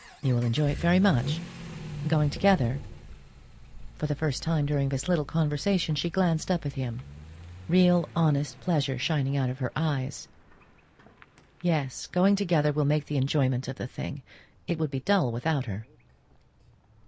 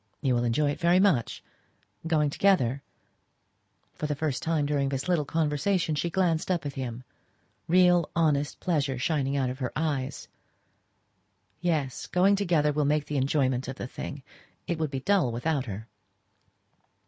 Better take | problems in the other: second | background sound (Accelerating, revving, vroom / Vehicle); 15 dB below the speech

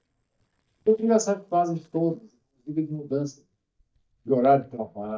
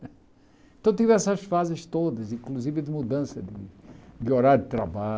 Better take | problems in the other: second | noise reduction (neural mask model DeepFilterNet 3)

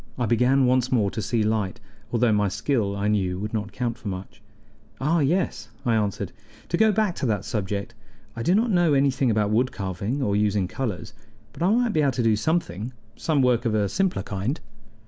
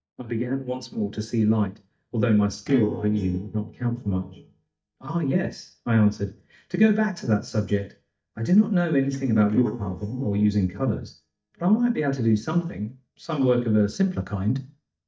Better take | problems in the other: first | noise reduction (neural mask model DeepFilterNet 3)

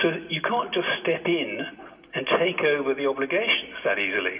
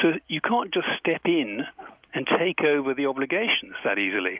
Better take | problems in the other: second | room echo; dies away in 2.5 s

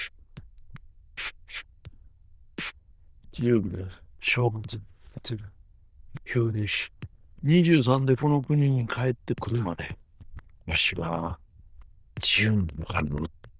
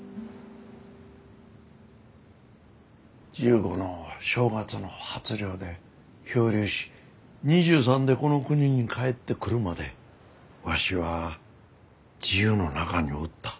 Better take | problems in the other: second | noise reduction (neural diffusion model UNIVERSE++)

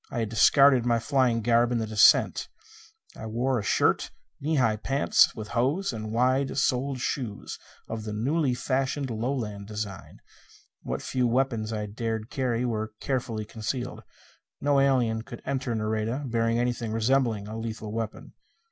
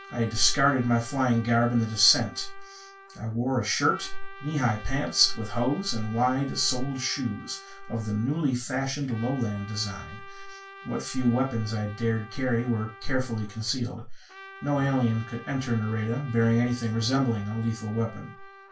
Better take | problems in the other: first | background sound (Trumpet); 19 dB below the speech // room echo; dies away in 0.2 s

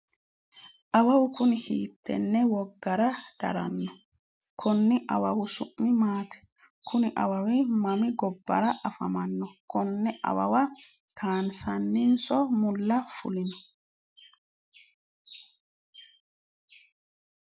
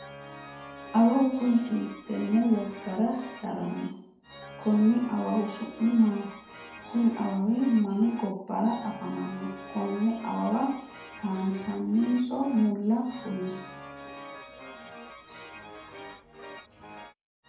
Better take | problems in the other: first | background sound (Organ); 16 dB below the speech // room echo; dies away in 2 s

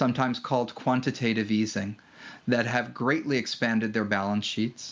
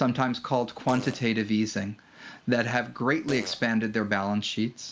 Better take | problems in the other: first | background sound (Fart); 17 dB below the speech

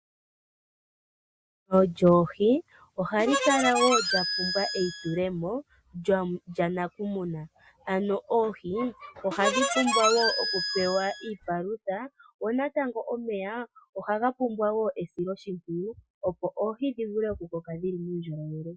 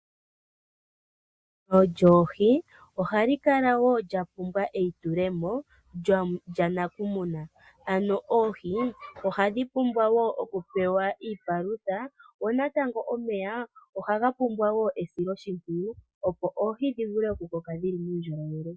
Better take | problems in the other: second | background sound (Harmonica); as loud as the speech

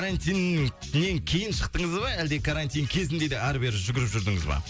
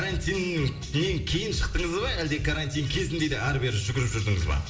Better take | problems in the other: first | room echo; dies away in 1.2 s

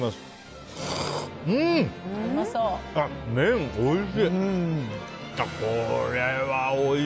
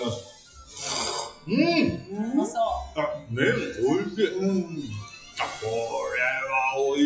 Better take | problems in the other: first | noise reduction (classical method WPE with log-MMSE)

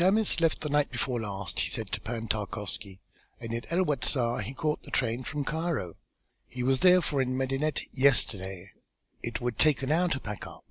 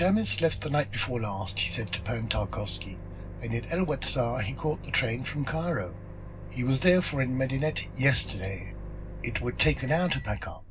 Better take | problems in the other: first | background sound (Microwave oven); 10 dB below the speech // room echo; dies away in 0.4 s

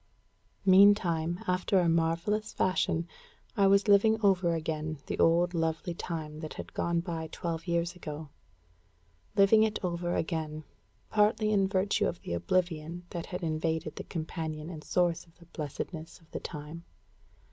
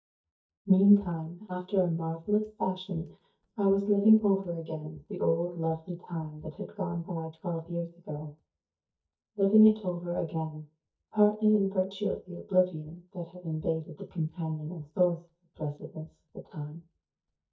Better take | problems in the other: first | noise reduction (neural mask model DeepFilterNet 3)

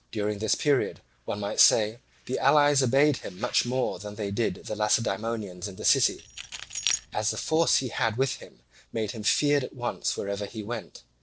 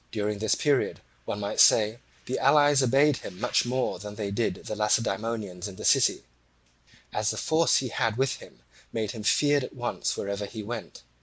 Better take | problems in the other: second | noise reduction (neural separator model SepFormer DNS4)

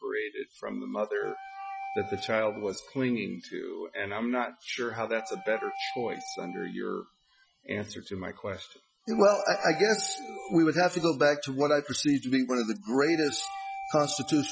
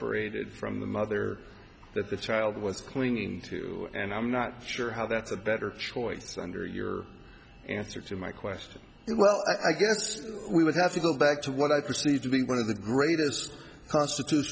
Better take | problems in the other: second | noise reduction (classical method Wiener filter)

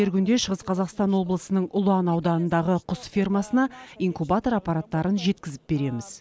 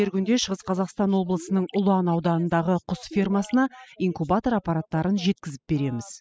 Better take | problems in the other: first | noise reduction (classical method spectral subtraction)

